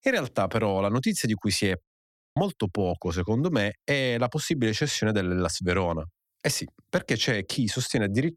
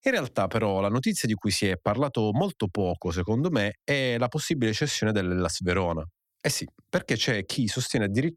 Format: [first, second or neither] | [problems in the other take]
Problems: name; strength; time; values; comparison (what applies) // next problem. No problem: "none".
second | audio cutting out; at 2 s for 0.5 s